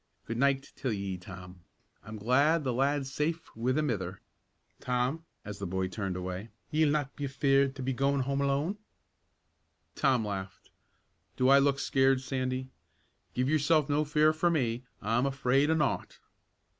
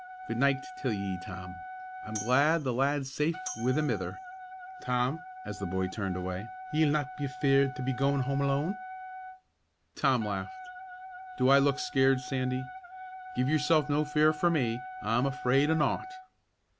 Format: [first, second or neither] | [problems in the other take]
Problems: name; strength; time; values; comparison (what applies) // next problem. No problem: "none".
first | background sound (Tambourine + Wind instrument, woodwind instrument); 12 dB below the speech